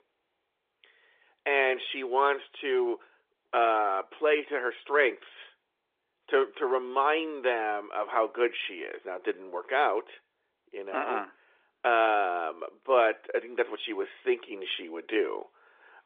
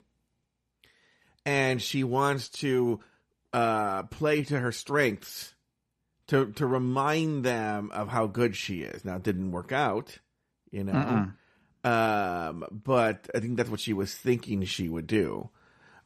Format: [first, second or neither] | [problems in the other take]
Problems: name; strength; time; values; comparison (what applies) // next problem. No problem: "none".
second | phone-call audio; nothing above 3.5 kHz